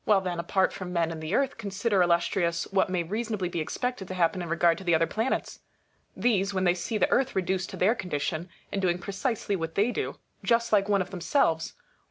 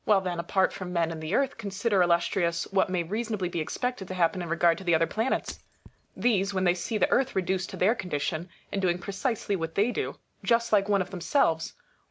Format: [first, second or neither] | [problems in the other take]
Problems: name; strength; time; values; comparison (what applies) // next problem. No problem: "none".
first | background sound (Shatter); 20 dB below the speech